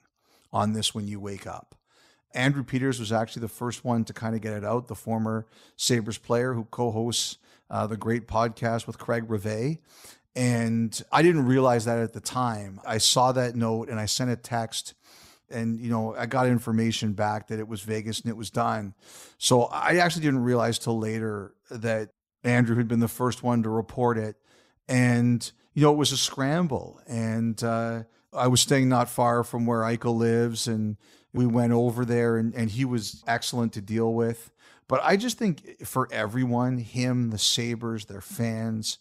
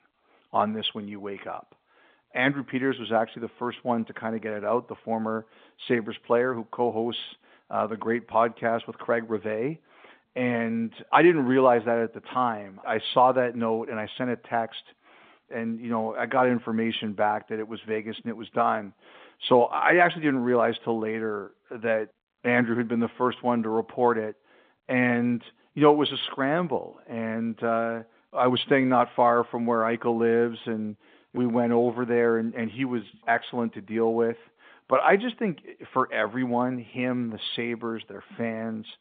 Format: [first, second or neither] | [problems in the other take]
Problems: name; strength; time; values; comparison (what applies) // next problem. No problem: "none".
first | phone-call audio; nothing above 3 kHz